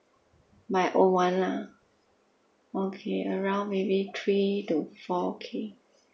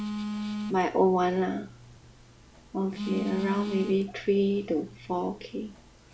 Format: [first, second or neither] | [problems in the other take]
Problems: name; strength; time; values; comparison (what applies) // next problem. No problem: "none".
first | background sound (Telephone); 8 dB below the speech // room echo; dies away in 0.3 s